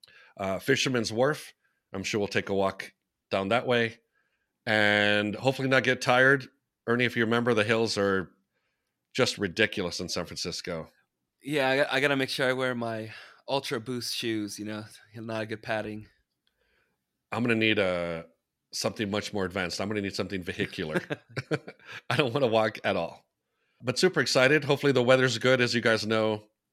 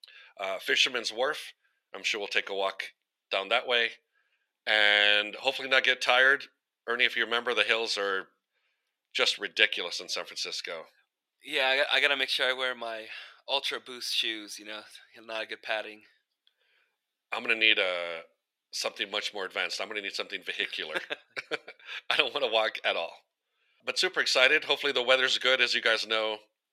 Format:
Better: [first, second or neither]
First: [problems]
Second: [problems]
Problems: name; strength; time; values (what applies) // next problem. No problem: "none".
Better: first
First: none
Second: thin; very; fading below 550 Hz